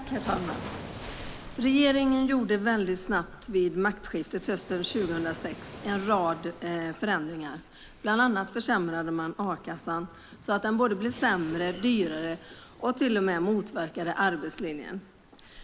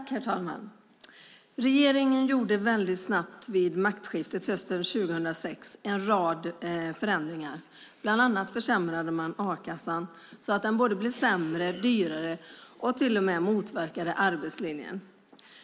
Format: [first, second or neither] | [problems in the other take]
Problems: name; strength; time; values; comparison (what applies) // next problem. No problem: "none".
second | background sound (Waves, surf); 16 dB below the speech